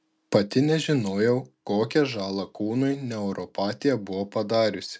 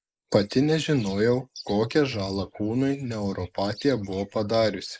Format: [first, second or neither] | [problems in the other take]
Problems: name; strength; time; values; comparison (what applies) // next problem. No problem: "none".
first | noise reduction (neural mask model Resemble Enhance denoiser)